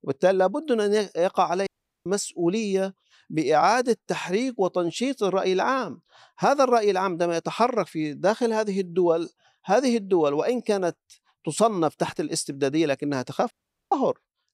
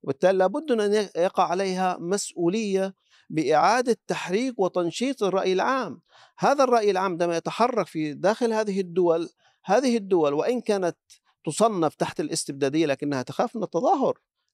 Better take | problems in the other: second | audio cutting out; at 1.5 s and at 14 s

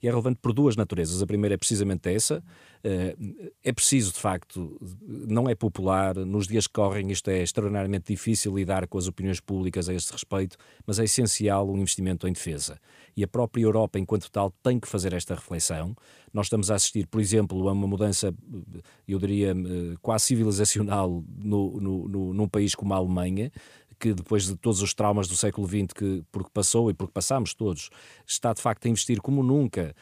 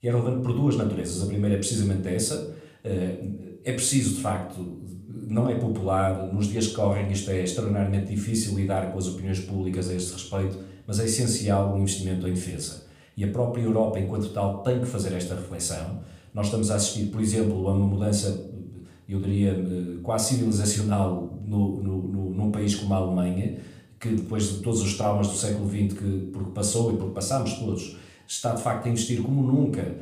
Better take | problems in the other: first | room echo; slight; dies away in 0.5 s // off-mic speech; somewhat distant

